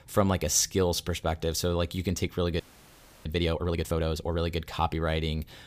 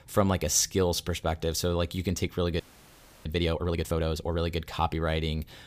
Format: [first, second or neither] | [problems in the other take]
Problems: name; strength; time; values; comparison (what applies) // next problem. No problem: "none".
neither | audio freezing; at 2.5 s for 0.5 s; the same in both